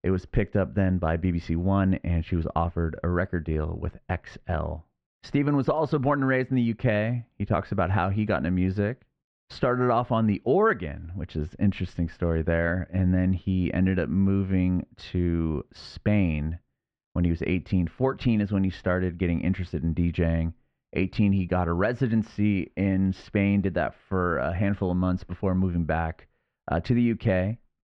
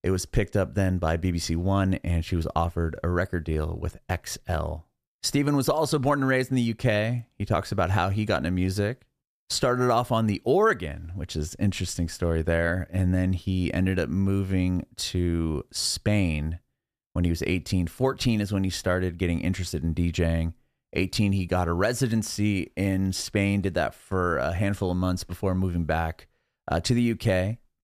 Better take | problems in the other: second | muffled; very; fading above 2.5 kHz

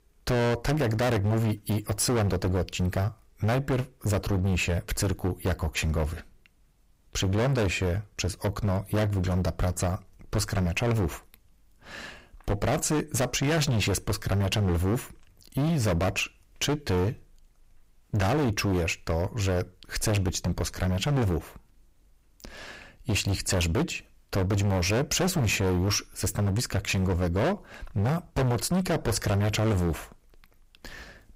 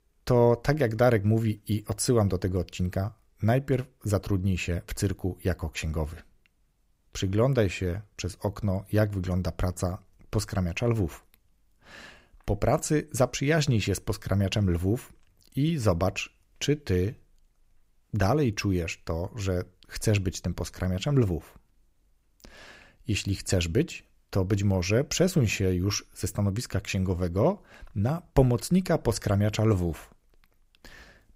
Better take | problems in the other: second | distortion; heavy; 21% of the sound clipped

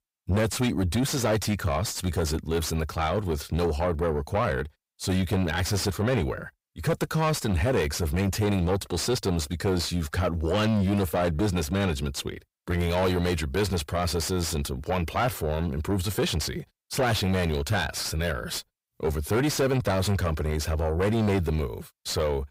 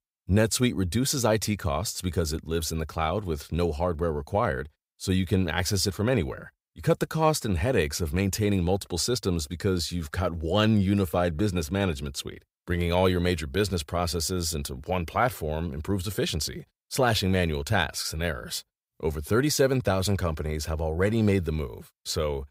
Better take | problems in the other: second | distortion; heavy; 7 dB below the speech

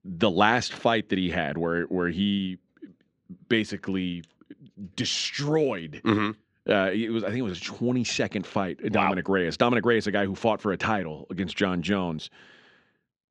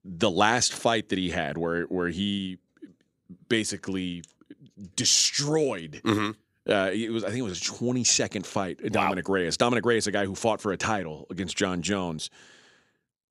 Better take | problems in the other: second | muffled; slightly; fading above 3 kHz

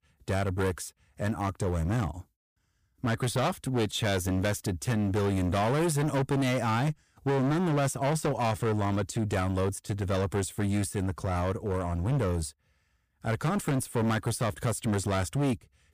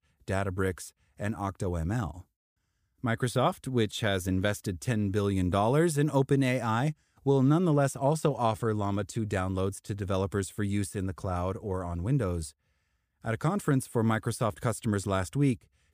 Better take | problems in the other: second | distortion; heavy; 18% of the sound clipped

